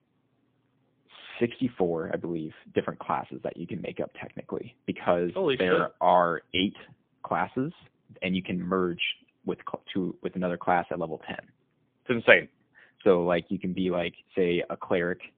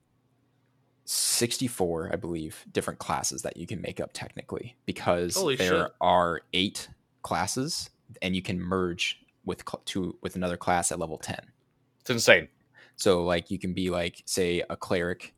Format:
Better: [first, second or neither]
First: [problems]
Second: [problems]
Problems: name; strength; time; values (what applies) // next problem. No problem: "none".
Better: second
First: phone-call audio; poor line; nothing above 3.5 kHz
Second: none